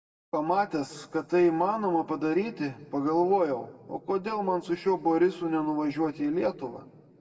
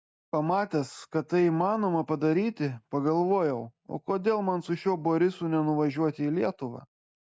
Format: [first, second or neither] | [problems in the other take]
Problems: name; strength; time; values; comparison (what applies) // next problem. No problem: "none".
second | room echo; dies away in 1.5 s